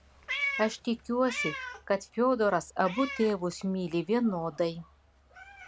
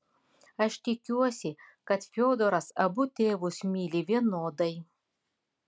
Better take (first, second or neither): second